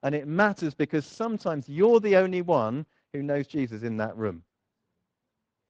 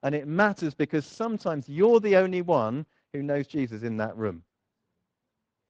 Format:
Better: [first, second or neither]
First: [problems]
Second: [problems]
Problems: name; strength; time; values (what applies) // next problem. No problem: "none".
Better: neither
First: garbled, watery; slightly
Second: garbled, watery; slightly